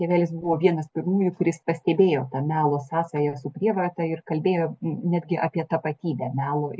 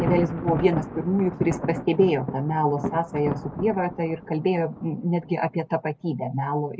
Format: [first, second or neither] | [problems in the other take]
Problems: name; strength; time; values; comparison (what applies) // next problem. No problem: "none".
first | background sound (Thunder); 8 dB below the speech